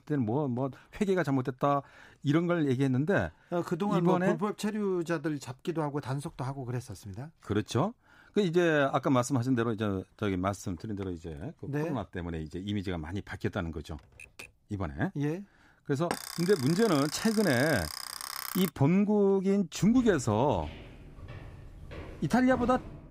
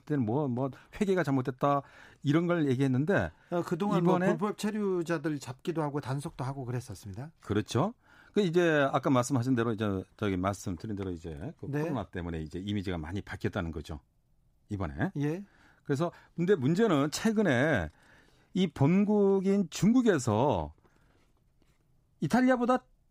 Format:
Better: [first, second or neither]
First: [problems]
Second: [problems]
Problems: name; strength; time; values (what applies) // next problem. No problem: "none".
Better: second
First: keyboard typing; faint; at 14 s; peak 15 dB below the speech // alarm; noticeable; from 16 to 19 s; peak 6 dB below the speech // footsteps; faint; from 20 s on; peak 10 dB below the speech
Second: none